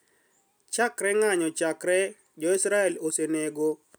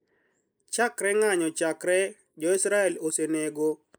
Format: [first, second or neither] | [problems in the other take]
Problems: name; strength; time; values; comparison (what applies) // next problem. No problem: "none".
first | noise reduction (neural mask model Resemble Enhance denoiser)